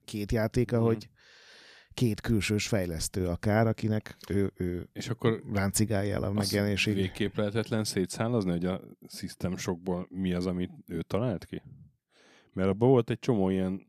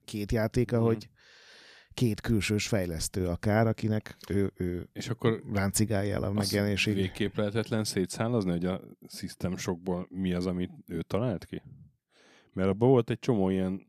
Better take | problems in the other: neither | none

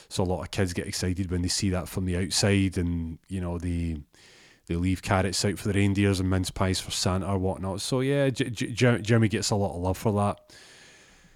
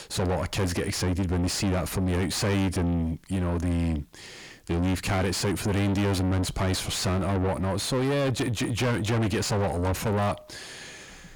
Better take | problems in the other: first | distortion; heavy; 6 dB below the speech

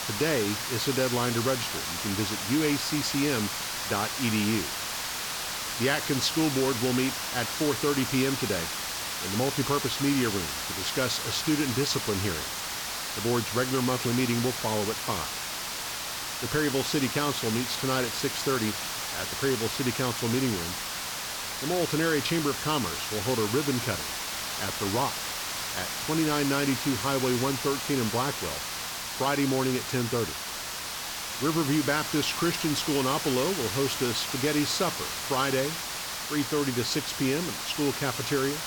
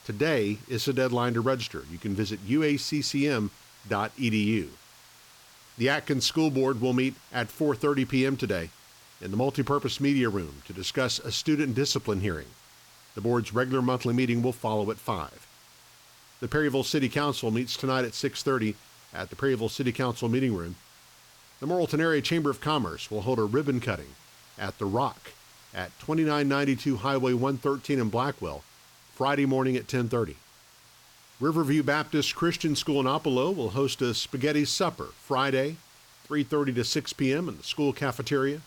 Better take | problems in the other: second | hiss; loud; throughout; 2 dB below the speech; faint in the second

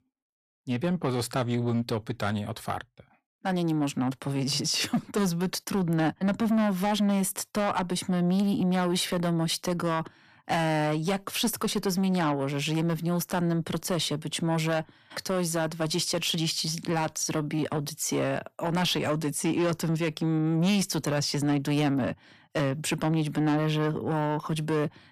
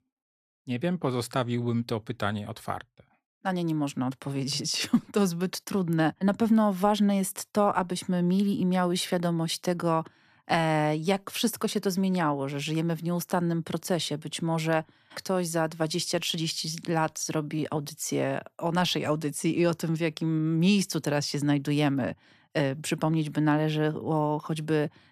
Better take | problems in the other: second | distortion; slight; 10 dB below the speech

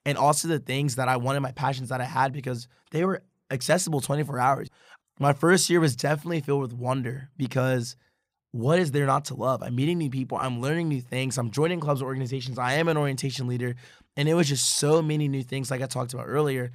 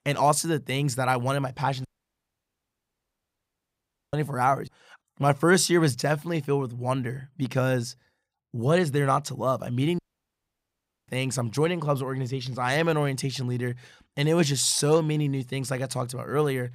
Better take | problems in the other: first | audio cutting out; at 2 s for 2.5 s and at 10 s for 1 s

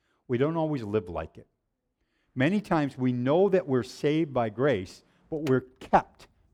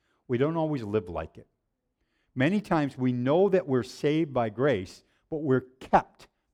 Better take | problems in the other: second | traffic noise; noticeable; from 2.5 s on; 20 dB below the speech

